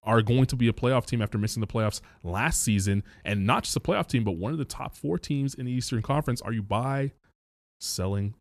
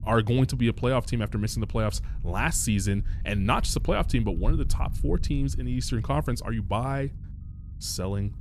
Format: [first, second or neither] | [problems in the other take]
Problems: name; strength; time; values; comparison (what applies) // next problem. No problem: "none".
first | low rumble; faint; throughout; 20 dB below the speech